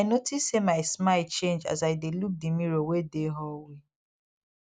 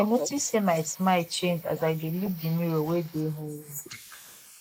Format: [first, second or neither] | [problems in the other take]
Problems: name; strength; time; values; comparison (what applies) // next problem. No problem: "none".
first | noise reduction (neural mask model Resemble Enhance denoiser)